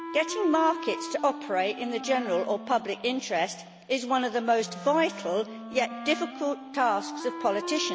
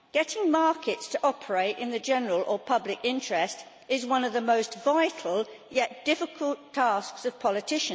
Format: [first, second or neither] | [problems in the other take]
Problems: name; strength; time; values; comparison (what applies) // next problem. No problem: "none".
second | background sound (Wind instrument, woodwind instrument); 11 dB below the speech